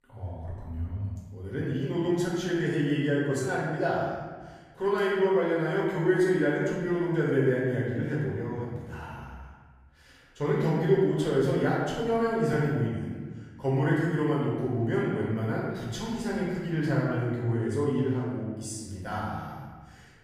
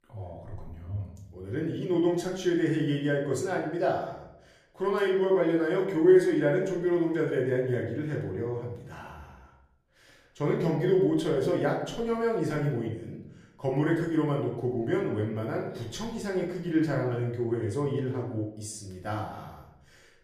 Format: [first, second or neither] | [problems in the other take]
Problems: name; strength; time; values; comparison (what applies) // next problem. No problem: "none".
second | room echo; strong; dies away in 1.3 s; slight in the second // off-mic speech; far; far in the second